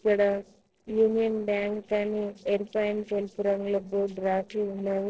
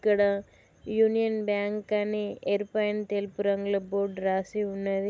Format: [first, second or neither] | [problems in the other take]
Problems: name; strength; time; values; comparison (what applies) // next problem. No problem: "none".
second | noise reduction (neural separator model SepFormer DNS4)